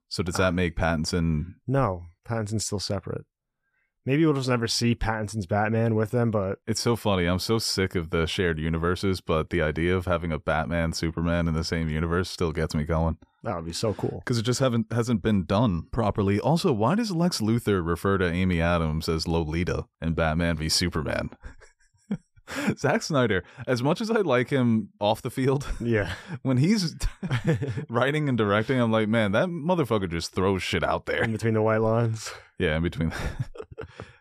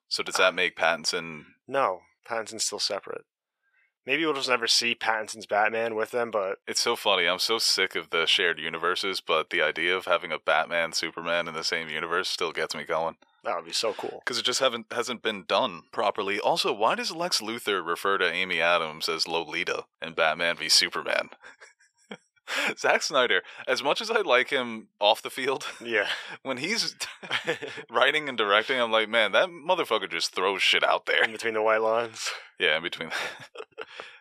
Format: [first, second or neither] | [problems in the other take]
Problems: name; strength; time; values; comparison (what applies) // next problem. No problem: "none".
first | thin; very; fading below 600 Hz